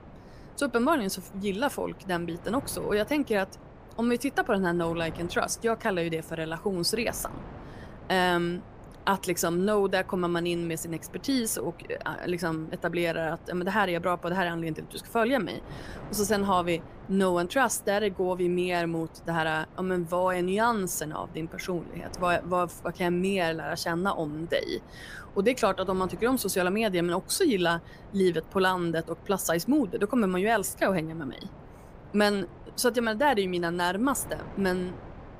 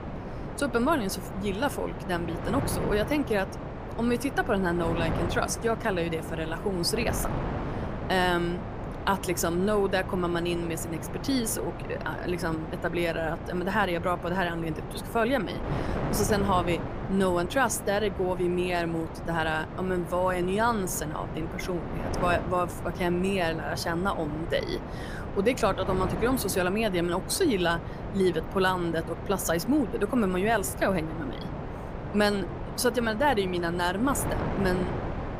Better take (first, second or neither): first